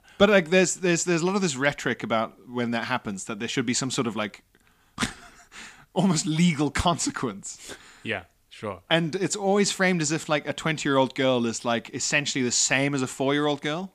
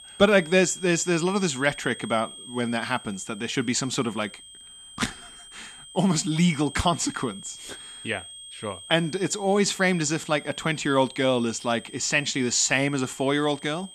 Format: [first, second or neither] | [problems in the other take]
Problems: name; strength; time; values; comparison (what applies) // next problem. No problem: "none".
first | high-pitched whine; noticeable; throughout; 3.5 kHz, 15 dB below the speech